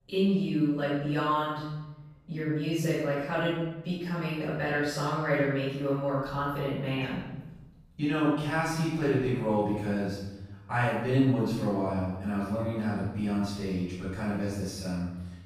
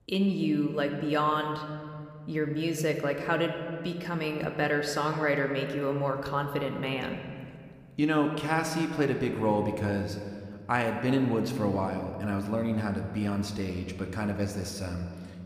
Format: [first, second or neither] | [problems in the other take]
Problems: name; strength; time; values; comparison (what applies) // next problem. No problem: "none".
second | room echo; strong; dies away in 1 s; slight in the second // off-mic speech; far